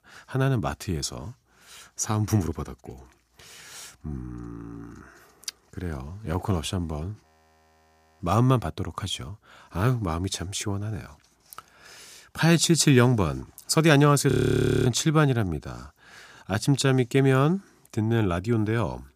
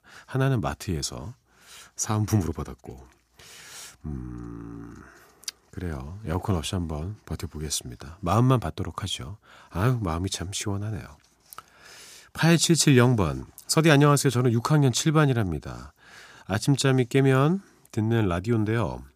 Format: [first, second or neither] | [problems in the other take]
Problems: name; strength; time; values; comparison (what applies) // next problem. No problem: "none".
second | audio freezing; at 7.5 s for 1 s and at 14 s for 0.5 s